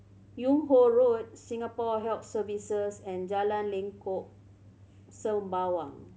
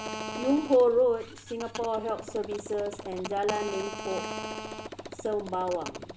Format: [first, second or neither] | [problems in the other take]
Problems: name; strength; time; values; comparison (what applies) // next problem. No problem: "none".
first | background sound (Telephone + Motorcycle); 9 dB below the speech